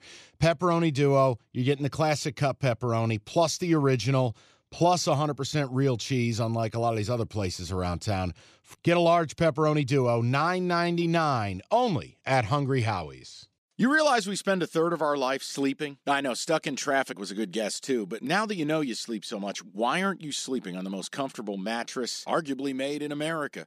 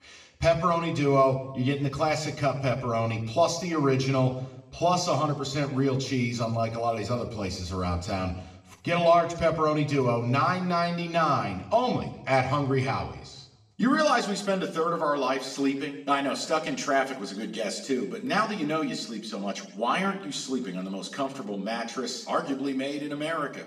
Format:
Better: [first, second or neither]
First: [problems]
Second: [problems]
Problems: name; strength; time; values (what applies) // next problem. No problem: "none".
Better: first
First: none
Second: room echo; slight; dies away in 0.7 s // off-mic speech; somewhat distant